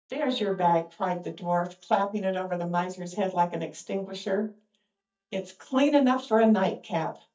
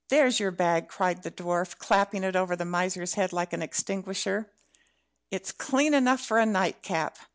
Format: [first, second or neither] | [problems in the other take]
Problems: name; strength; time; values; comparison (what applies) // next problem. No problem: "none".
second | noise reduction (neural mask model DeepFilterNet 3)